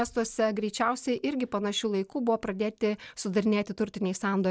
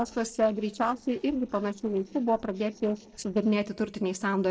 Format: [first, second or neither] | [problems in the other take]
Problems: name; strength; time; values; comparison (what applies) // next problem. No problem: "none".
first | noise reduction (neural separator model SepFormer DNS4)